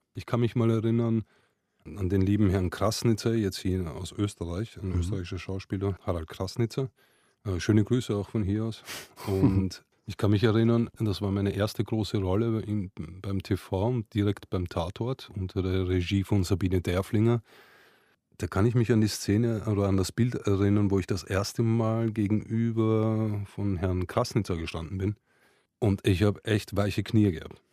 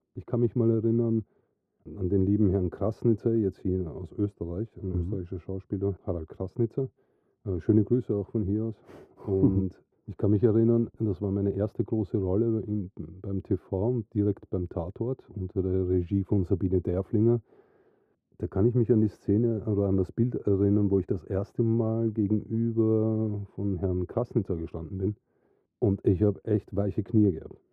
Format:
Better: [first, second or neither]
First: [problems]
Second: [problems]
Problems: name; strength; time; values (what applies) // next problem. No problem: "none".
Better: first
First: none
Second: muffled; very; fading above 1.5 kHz